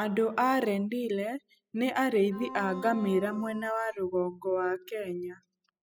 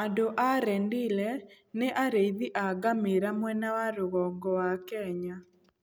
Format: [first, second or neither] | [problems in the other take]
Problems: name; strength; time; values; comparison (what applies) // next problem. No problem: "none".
second | noise reduction (classical method spectral subtraction)